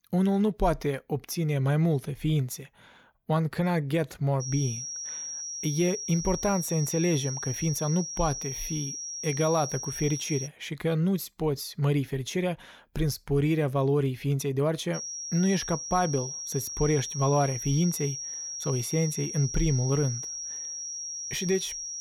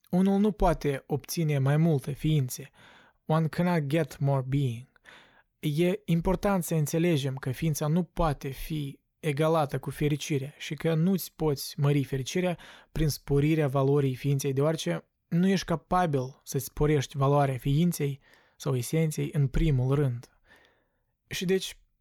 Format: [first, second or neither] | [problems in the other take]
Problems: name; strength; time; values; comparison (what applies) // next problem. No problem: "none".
second | high-pitched whine; loud; from 4.5 to 10 s and from 15 s on; 5.5 kHz, 5 dB below the speech